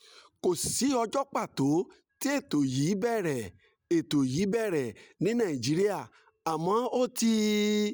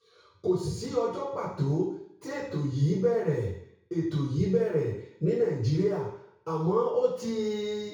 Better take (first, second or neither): first